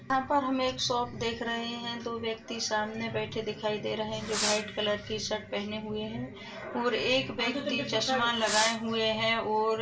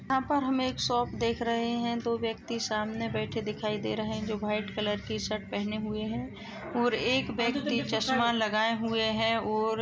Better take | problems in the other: second | background sound (Fireworks); 6 dB below the speech // room echo; dies away in 0.2 s

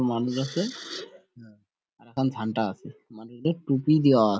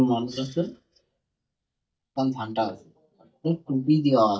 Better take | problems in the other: first | noise reduction (neural mask model DeepFilterNet 3)

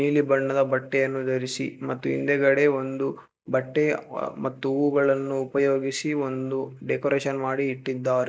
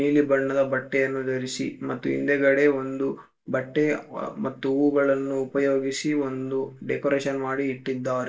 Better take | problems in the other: first | room echo; dies away in 0.2 s

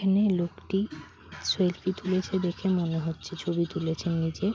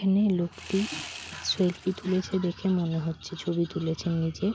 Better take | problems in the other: first | background sound (Sawing); 15 dB below the speech

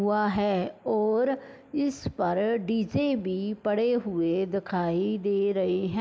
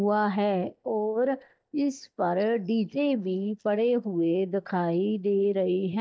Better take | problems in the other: first | noise reduction (neural mask model DeepFilterNet 3)

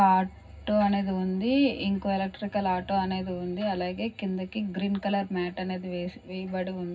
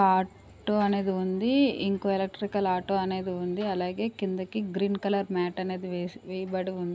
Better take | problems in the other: second | room echo; dies away in 0.4 s

